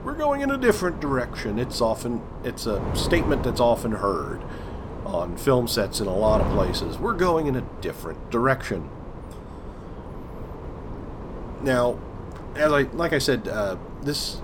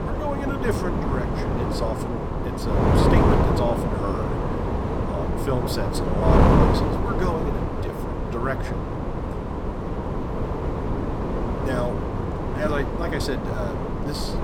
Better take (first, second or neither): first